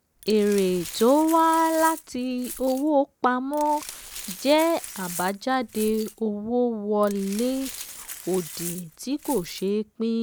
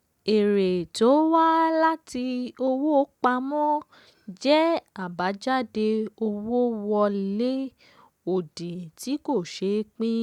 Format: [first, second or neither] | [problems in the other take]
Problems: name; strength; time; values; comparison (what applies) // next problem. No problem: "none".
second | background sound (Glass); 15 dB below the speech